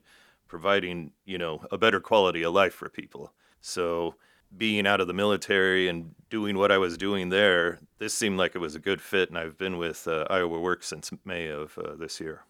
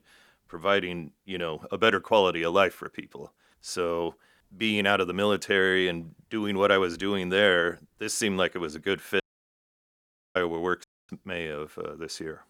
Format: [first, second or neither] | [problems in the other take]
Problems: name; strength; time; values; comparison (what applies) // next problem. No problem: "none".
first | audio cutting out; at 9 s for 1 s and at 11 s